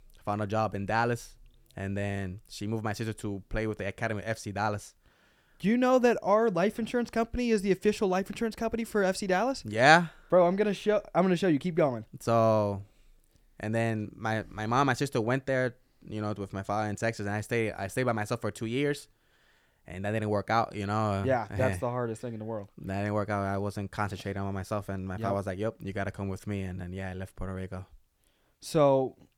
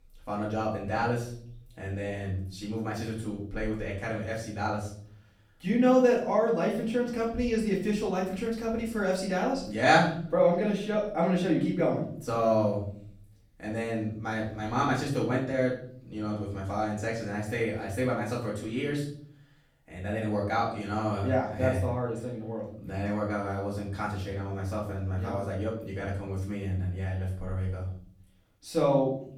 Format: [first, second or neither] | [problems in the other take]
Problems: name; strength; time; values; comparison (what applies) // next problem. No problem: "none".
first | off-mic speech; far // room echo; noticeable; dies away in 0.6 s